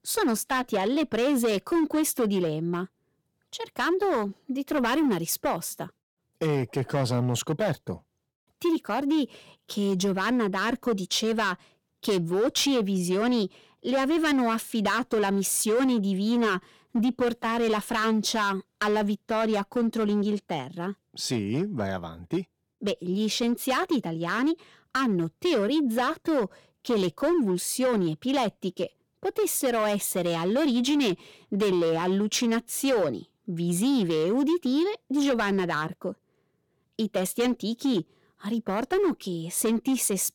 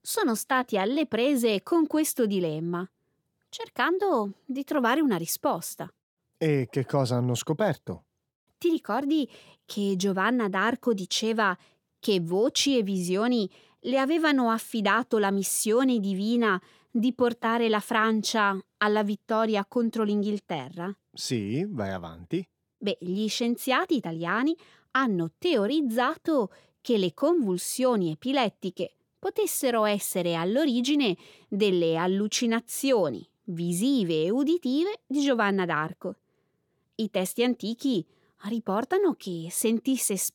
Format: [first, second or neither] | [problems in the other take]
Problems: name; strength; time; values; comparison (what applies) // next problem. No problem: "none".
second | distortion; slight; 10% of the sound clipped